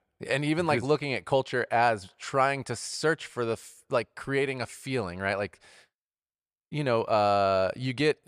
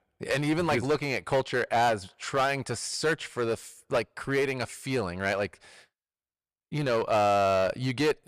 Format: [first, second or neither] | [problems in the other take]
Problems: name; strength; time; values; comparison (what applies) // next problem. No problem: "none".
first | distortion; slight; 8% of the sound clipped